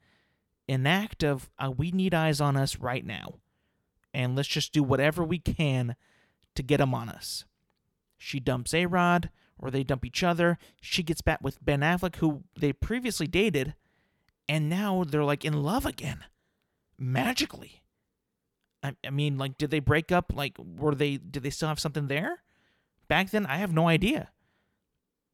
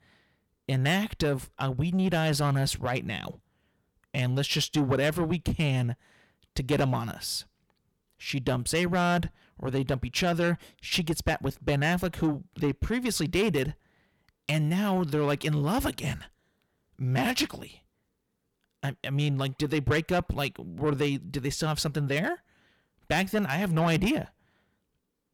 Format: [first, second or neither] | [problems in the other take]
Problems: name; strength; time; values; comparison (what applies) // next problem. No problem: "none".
first | distortion; slight; 10 dB below the speech